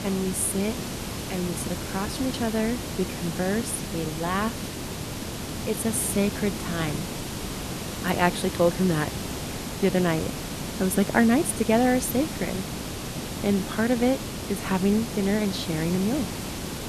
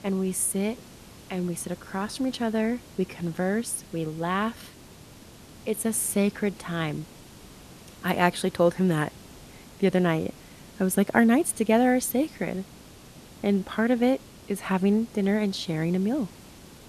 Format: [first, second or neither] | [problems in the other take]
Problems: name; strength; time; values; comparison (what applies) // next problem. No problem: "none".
second | hiss; loud; throughout; 6 dB below the speech; faint in the second